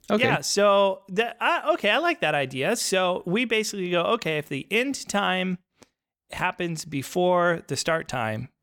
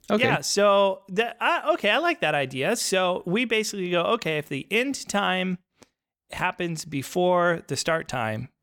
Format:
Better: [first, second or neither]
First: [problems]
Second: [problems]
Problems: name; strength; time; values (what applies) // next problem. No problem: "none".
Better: neither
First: none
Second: none